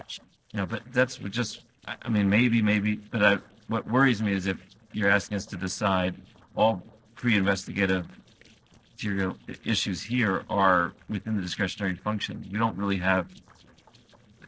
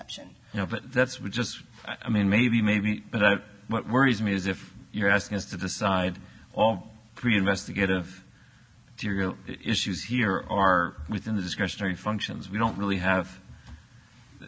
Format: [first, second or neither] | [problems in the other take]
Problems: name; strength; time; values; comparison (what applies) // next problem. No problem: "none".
second | noise reduction (neural separator model SepFormer DNS4)